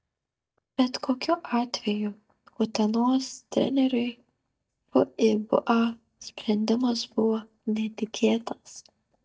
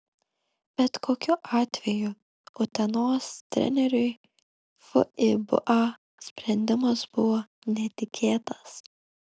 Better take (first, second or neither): second